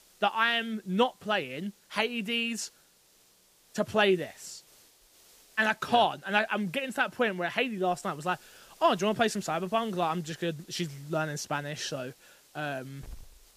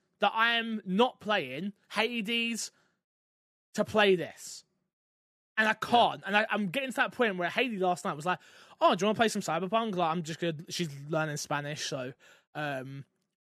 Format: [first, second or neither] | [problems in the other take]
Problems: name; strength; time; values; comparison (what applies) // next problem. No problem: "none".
second | hiss; faint; throughout; 25 dB below the speech